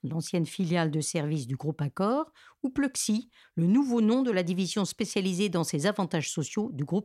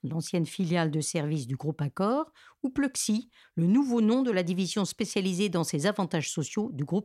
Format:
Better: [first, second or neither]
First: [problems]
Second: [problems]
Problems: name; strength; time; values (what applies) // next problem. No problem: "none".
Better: neither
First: none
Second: none